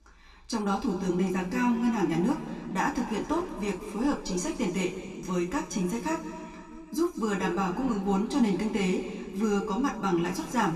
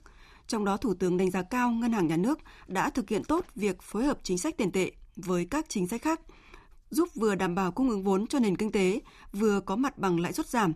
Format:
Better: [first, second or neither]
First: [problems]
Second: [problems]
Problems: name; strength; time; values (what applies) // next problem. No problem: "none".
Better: second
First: room echo; slight; dies away in 2.2 s // off-mic speech; far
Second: none